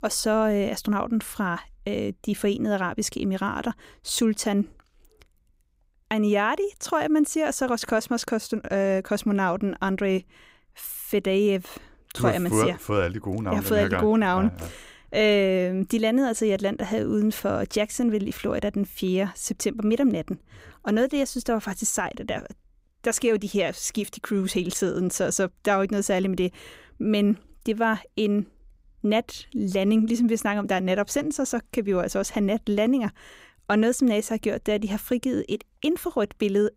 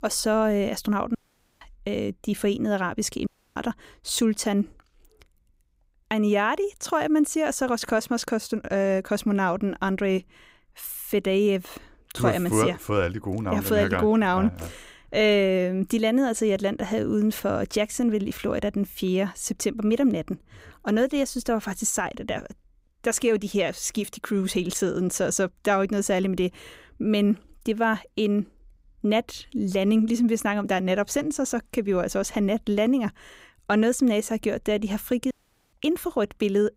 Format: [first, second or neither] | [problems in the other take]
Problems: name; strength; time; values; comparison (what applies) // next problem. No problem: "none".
first | audio cutting out; at 1 s, at 3.5 s and at 35 s